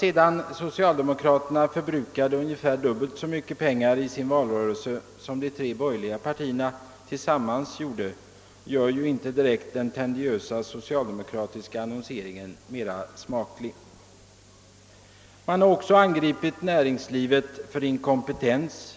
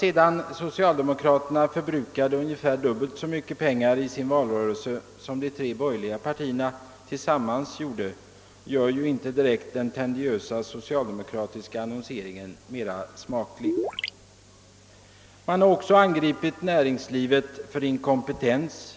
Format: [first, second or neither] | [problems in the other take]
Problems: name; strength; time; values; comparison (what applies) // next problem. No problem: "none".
first | background sound (Gurgling); 3 dB below the speech